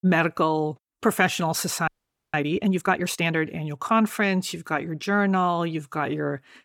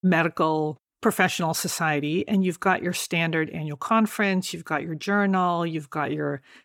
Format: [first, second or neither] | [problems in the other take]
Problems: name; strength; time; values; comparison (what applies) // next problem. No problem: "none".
second | audio freezing; at 2 s